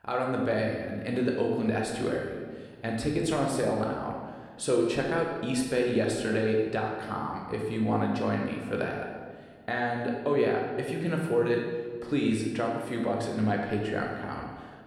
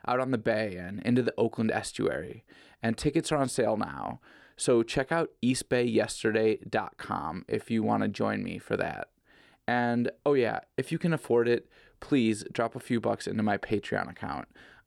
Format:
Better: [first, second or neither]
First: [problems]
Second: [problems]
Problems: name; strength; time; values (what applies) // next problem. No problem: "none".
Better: second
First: room echo; noticeable; dies away in 1.2 s // off-mic speech; somewhat distant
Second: none